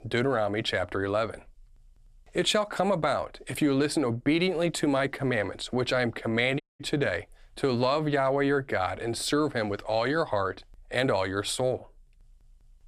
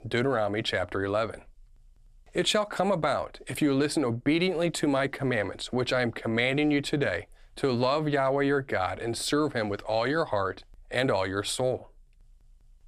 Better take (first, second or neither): second